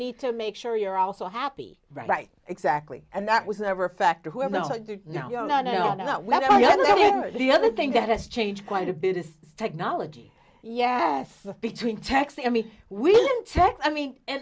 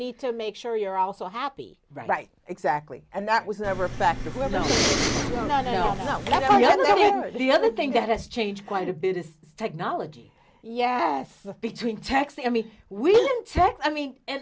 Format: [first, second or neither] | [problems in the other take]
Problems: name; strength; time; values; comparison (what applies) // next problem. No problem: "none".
first | background sound (Respiratory sounds); 3 dB below the speech